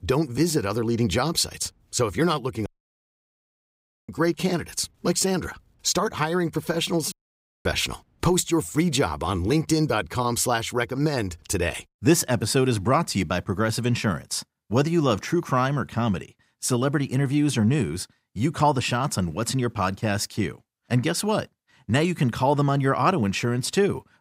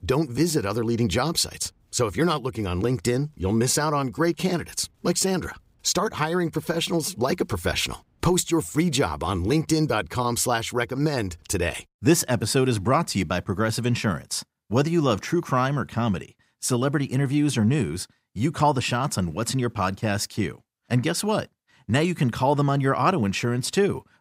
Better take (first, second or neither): second